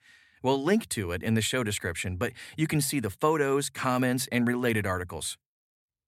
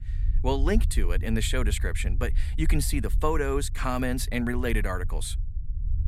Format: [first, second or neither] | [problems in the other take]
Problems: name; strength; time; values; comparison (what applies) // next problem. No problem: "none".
first | low rumble; noticeable; throughout; 20 dB below the speech